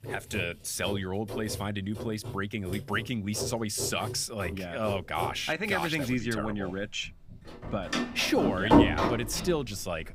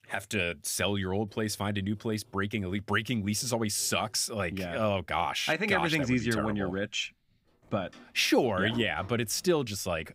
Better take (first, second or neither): second